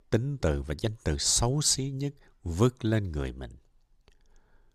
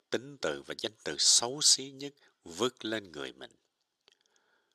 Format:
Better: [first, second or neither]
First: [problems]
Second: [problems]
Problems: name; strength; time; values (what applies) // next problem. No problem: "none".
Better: first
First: none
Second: thin; somewhat; fading below 350 Hz